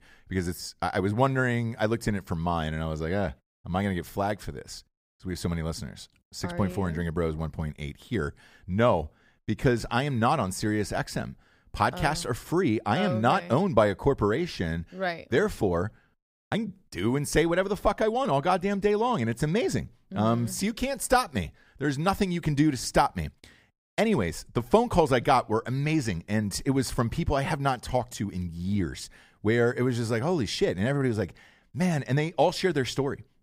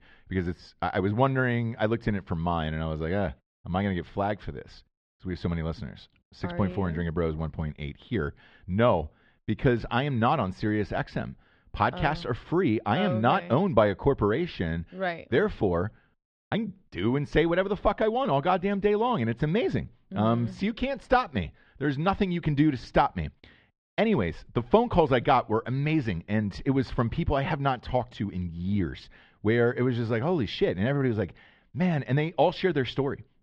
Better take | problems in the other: first | muffled; slightly; fading above 3.5 kHz

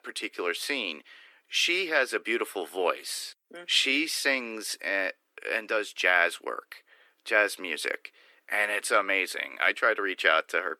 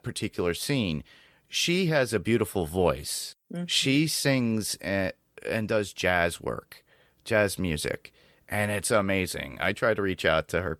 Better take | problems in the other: second | thin; very; fading below 300 Hz

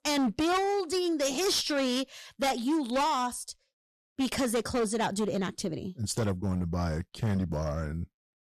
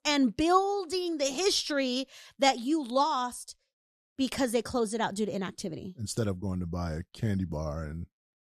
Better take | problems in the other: second | distortion; heavy; 14% of the sound clipped

